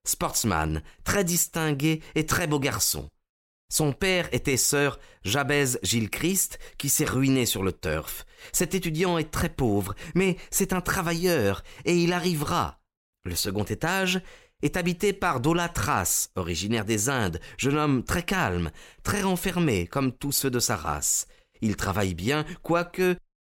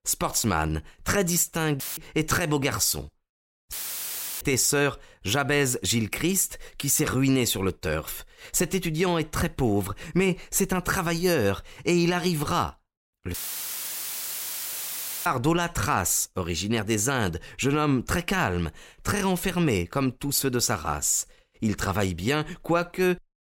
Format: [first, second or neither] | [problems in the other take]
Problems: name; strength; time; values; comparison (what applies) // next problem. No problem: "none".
first | audio cutting out; filled with static; at 2 s, at 3.5 s for 0.5 s and at 13 s for 2 s